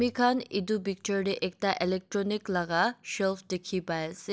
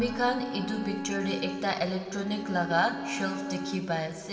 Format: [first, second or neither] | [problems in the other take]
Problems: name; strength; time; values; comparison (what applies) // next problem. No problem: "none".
first | background sound (Bowed string instrument); 8 dB below the speech // room echo; dies away in 2.3 s